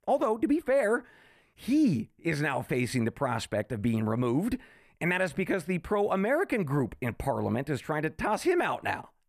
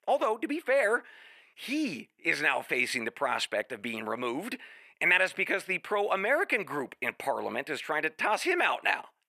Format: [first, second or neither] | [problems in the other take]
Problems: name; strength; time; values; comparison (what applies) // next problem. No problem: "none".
first | thin; somewhat; fading below 450 Hz